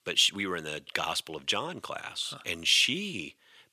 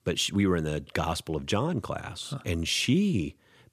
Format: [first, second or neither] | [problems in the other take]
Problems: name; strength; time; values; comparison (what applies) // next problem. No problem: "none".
second | thin; somewhat; fading below 1 kHz